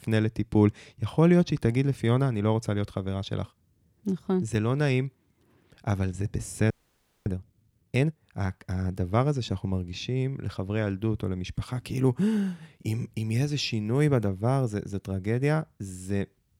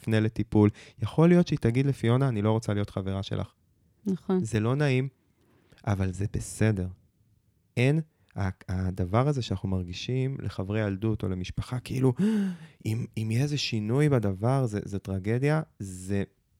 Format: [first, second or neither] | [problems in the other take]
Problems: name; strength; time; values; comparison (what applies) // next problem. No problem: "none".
second | audio freezing; at 6.5 s for 0.5 s